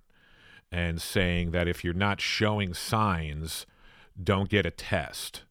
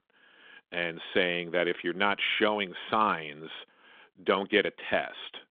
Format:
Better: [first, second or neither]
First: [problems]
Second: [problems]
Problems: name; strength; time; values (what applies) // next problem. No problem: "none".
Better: first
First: none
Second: phone-call audio; nothing above 3.5 kHz